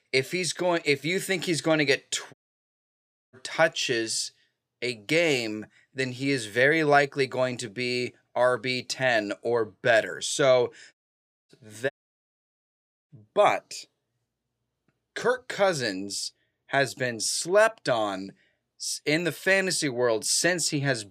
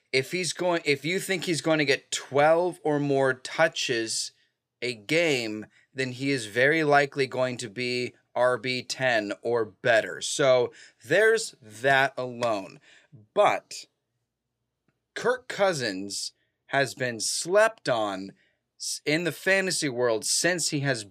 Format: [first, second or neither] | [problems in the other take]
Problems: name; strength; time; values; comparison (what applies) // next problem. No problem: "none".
second | audio cutting out; at 2.5 s for 1 s, at 11 s for 0.5 s and at 12 s for 1 s